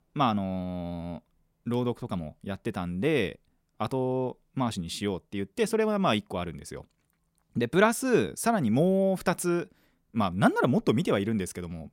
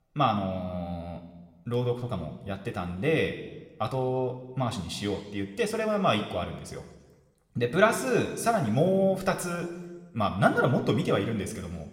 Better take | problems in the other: first | room echo; slight; dies away in 1.1 s

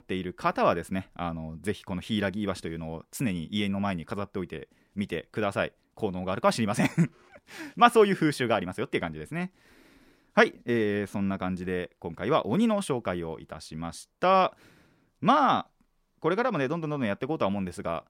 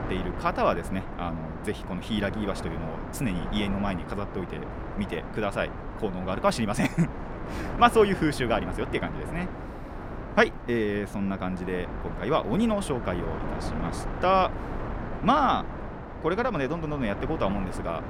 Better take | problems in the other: first | wind noise on the microphone; occasional gusts; 10 dB below the speech

